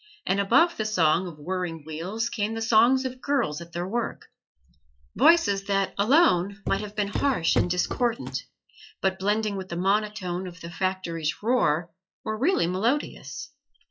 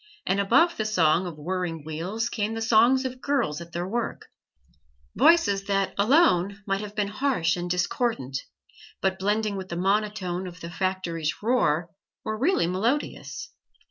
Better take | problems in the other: second | noise reduction (classical method log-MMSE)

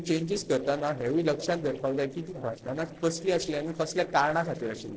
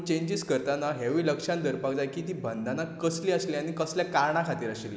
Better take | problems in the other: second | noise reduction (neural separator model SepFormer DNS4)

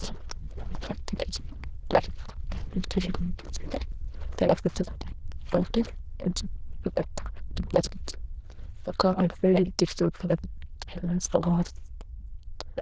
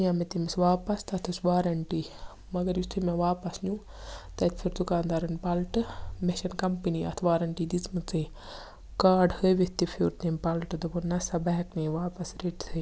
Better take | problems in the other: second | noise reduction (neural diffusion model UNIVERSE++)

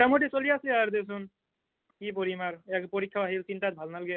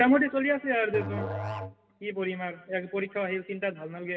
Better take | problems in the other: first | background sound (Musical instrument); 9 dB below the speech // room echo; dies away in 2.8 s

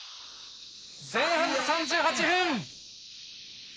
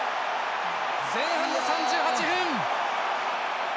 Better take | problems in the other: second | noise reduction (neural mask model Resemble Enhance denoiser)

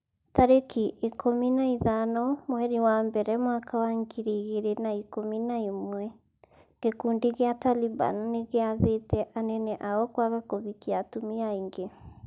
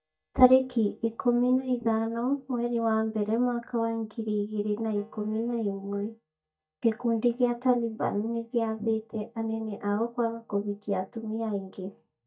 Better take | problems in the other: first | noise reduction (neural mask model DeepFilterNet 3)

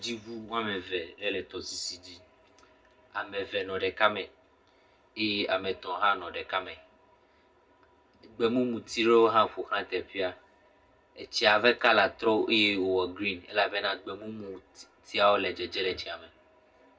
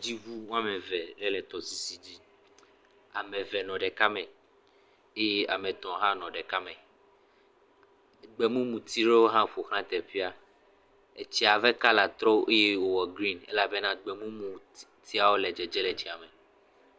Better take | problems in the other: second | room echo; dies away in 0.4 s

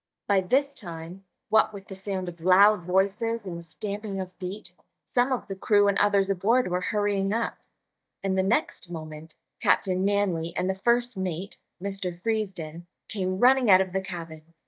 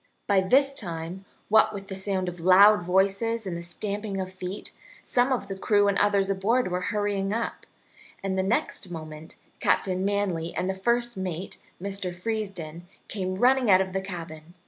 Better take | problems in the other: second | noise reduction (neural mask model DeepFilterNet 3)

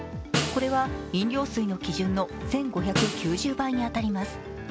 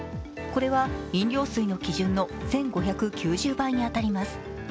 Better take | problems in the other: second | background sound (Snare drum); 6 dB below the speech

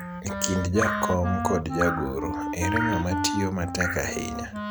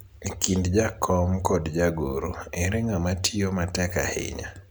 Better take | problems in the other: second | background sound (Wind instrument, woodwind instrument + Drip); 2 dB below the speech

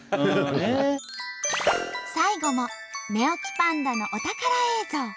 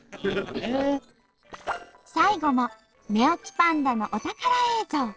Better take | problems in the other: first | noise reduction (neural separator model SepFormer DNS4)

